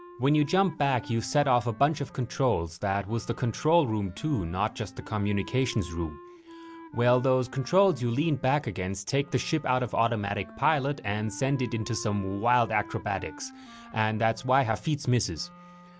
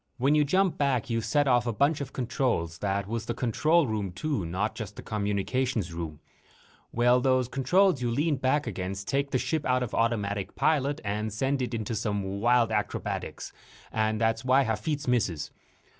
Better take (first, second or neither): second